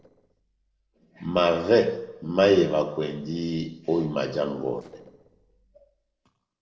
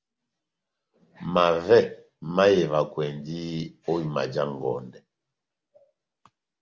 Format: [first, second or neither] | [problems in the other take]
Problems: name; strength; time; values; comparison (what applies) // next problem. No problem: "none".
second | noise reduction (neural separator model SepFormer DNS4)